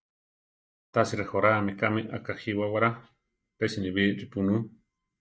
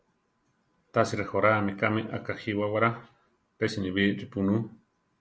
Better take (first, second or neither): second